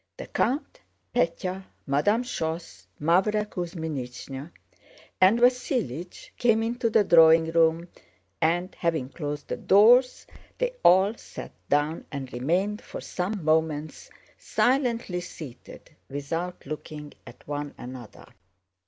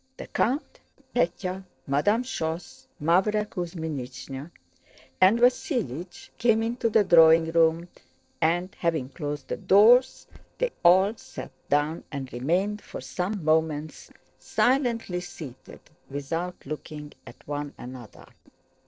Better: first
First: none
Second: noise reduction (neural separator model SepFormer DNS4)

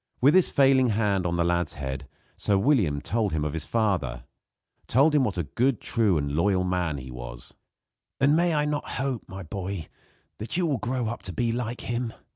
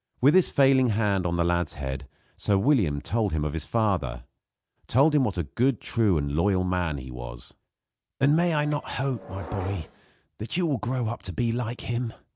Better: first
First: none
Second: background sound (Subway, metro, underground); 16 dB below the speech

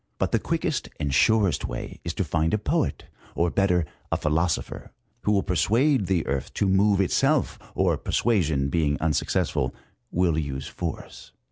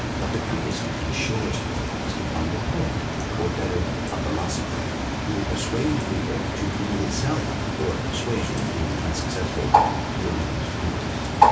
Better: first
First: none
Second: background sound (Bird); 4 dB above the speech // room echo; dies away in 2.6 s

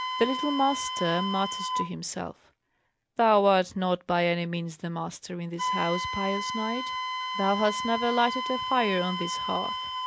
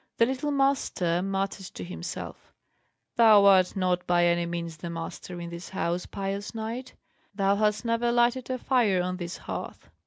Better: second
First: background sound (Wind instrument, woodwind instrument); 5 dB below the speech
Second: none

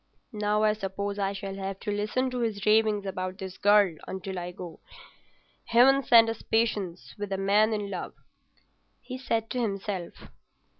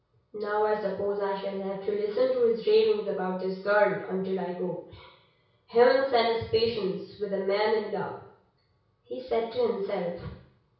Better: first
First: none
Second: room echo; dies away in 0.6 s

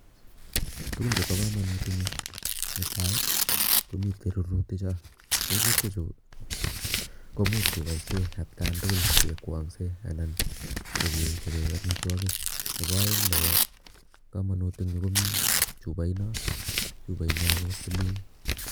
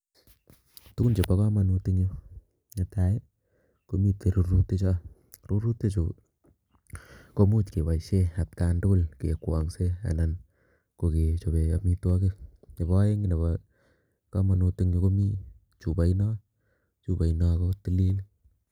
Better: second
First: background sound (Tearing); 1 dB above the speech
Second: none

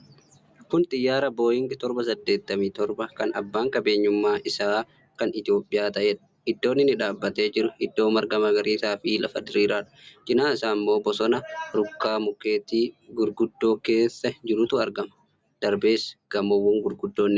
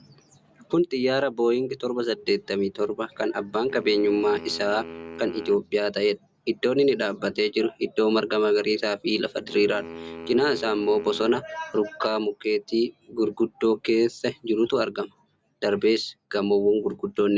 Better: first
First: none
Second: background sound (Wind instrument, woodwind instrument); 16 dB below the speech

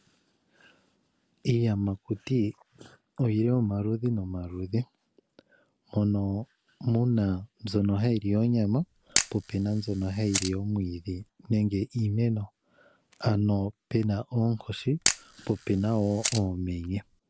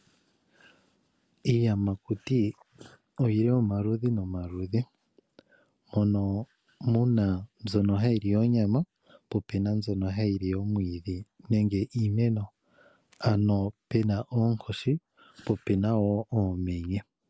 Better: second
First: background sound (Camera); 6 dB below the speech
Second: none

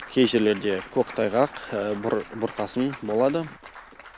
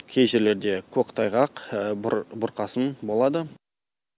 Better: second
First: background sound (Applause / Cheering / Clapping); 17 dB below the speech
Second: none

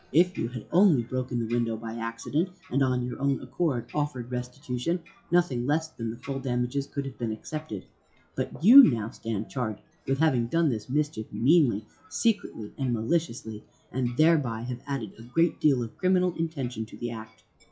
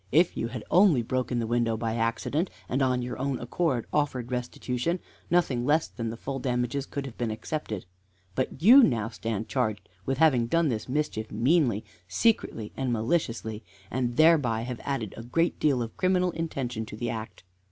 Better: second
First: noise reduction (classical method WPE with log-MMSE)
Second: none

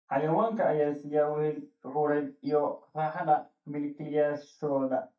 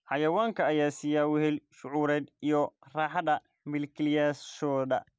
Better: second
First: noise reduction (neural mask model DeepFilterNet 3)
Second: none

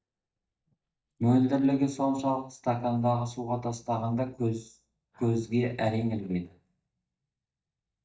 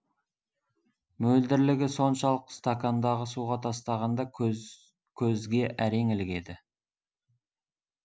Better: second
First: noise reduction (neural mask model DeepFilterNet 3)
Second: none

